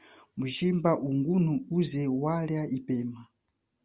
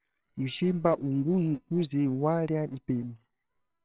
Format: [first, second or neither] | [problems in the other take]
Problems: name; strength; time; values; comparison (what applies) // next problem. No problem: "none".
first | noise reduction (neural separator model SepFormer WHAMR!)